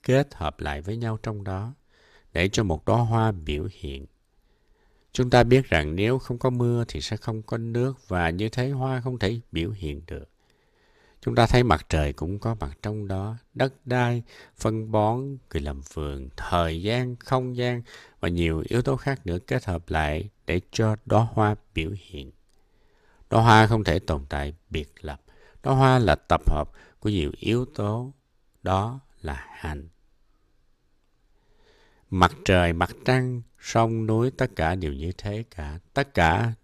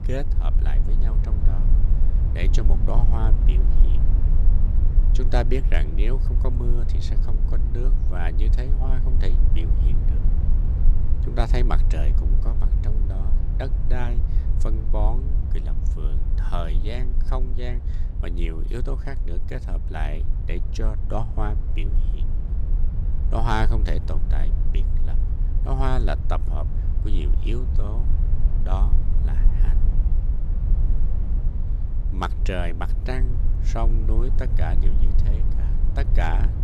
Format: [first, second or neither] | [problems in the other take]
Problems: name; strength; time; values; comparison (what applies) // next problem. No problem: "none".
first | low rumble; loud; throughout; 9 dB below the speech